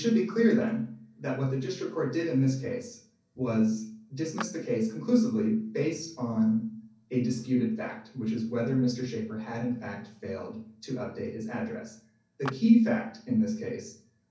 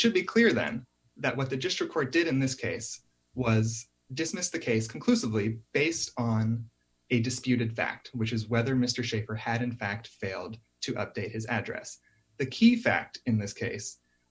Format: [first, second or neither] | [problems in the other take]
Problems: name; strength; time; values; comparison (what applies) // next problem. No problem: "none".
second | background sound (Clapping); 17 dB below the speech // room echo; dies away in 0.6 s